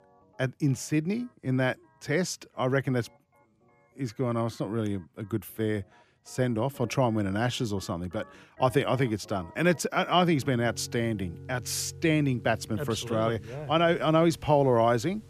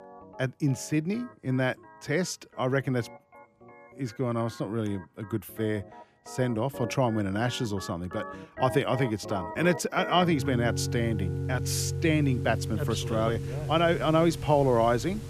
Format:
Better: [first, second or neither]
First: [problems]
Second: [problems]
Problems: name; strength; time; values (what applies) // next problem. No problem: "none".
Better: first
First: background music; faint; throughout; 20 dB below the speech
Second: background music; loud; throughout; 7 dB below the speech